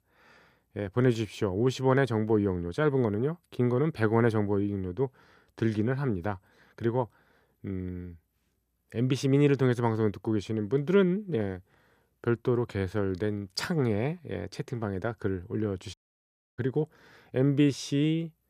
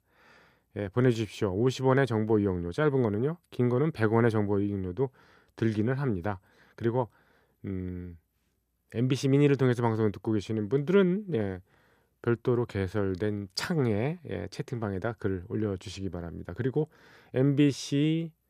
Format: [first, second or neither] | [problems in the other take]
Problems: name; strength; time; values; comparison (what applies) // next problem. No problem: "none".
second | audio cutting out; at 16 s for 0.5 s